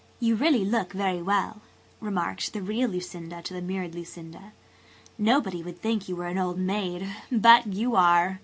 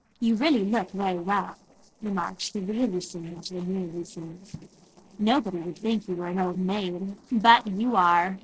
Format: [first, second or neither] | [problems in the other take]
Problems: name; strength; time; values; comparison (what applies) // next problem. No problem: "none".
first | noise reduction (neural separator model SepFormer DNS4)